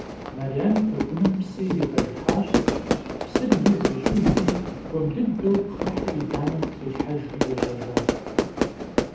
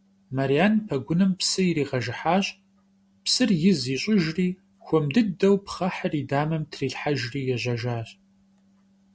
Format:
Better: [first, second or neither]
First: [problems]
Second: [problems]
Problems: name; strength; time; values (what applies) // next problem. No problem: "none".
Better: second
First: background sound (Fire / Fireworks); as loud as the speech // room echo; dies away in 0.8 s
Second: none